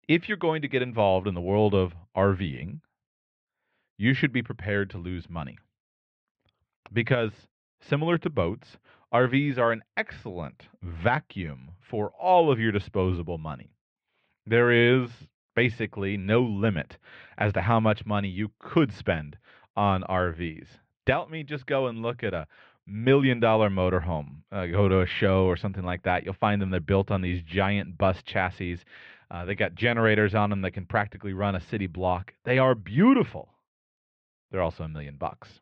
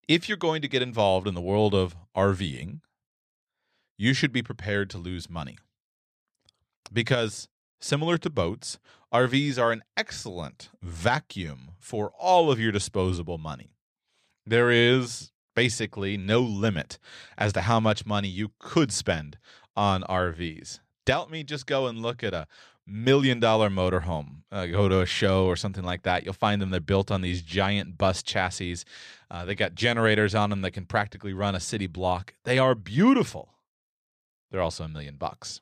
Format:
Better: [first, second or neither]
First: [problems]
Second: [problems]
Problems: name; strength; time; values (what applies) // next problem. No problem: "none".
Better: second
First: muffled; very; fading above 2.5 kHz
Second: none